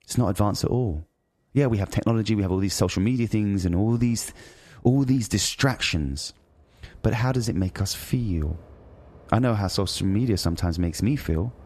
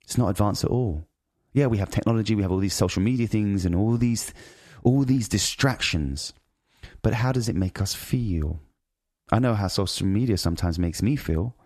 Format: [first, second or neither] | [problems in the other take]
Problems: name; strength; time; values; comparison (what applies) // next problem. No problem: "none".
second | train or aircraft noise; faint; throughout; 25 dB below the speech